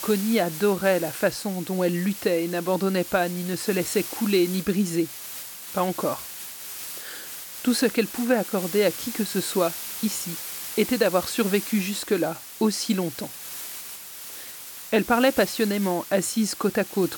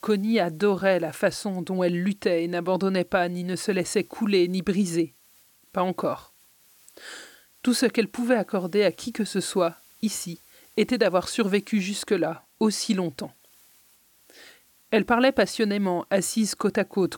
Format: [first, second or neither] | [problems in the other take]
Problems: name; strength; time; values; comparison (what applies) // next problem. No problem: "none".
second | hiss; loud; throughout; 9 dB below the speech; faint in the second